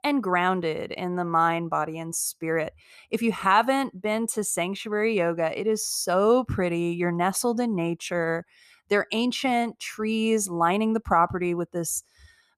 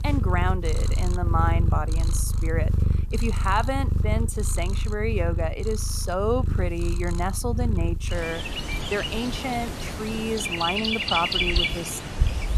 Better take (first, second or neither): first